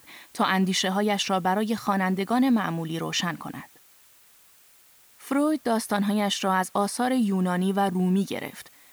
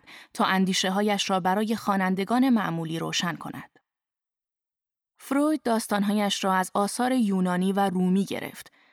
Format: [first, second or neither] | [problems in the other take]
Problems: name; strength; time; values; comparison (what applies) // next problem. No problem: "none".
second | hiss; faint; throughout; 25 dB below the speech